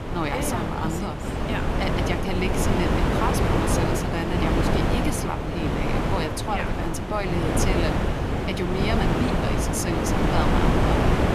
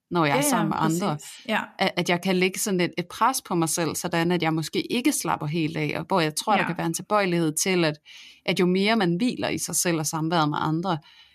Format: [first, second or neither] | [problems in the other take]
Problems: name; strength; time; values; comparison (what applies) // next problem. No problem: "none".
second | wind noise on the microphone; heavy; 3 dB above the speech